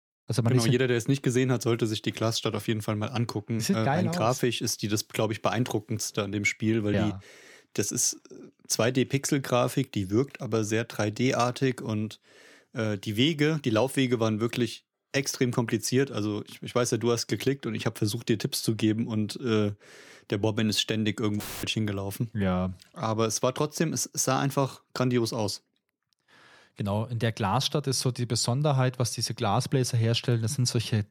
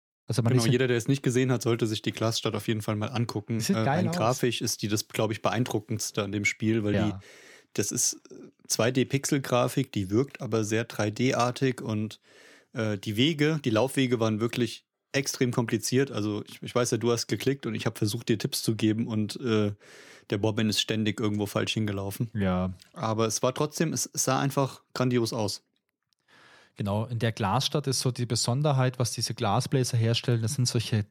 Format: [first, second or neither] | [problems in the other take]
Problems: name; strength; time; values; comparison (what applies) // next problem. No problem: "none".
second | audio cutting out; filled with static; at 21 s